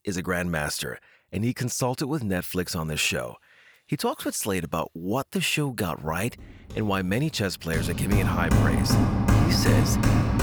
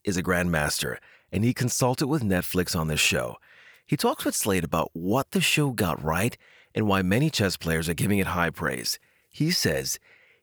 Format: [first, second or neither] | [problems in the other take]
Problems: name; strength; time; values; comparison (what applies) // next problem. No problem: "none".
second | machinery noise; very loud; throughout; 4 dB above the speech